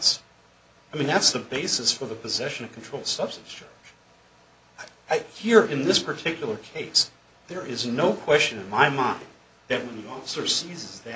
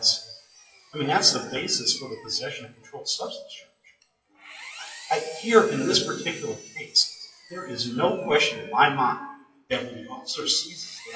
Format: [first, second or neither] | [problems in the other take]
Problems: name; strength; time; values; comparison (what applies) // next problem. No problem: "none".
first | noise reduction (classical method WPE with log-MMSE)